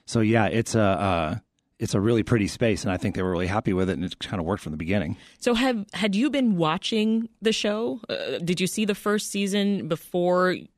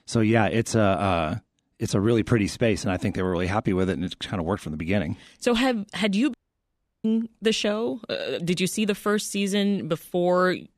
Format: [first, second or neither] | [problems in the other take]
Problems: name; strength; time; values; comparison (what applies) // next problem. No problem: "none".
first | audio cutting out; at 6.5 s for 0.5 s